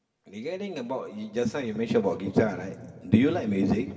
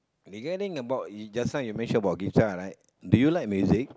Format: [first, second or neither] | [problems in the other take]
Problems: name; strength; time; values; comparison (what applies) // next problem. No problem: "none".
second | room echo; dies away in 1.7 s